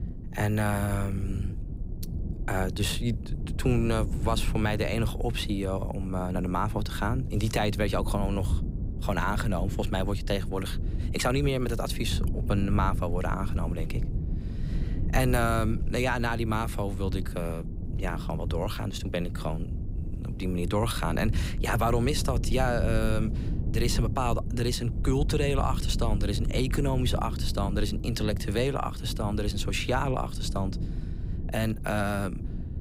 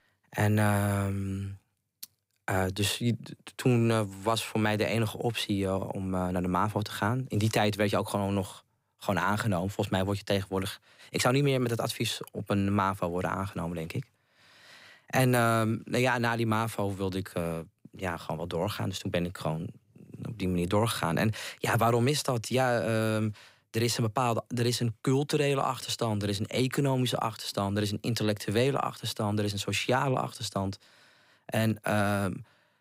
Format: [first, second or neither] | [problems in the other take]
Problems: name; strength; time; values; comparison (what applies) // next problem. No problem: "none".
second | low rumble; noticeable; throughout; 15 dB below the speech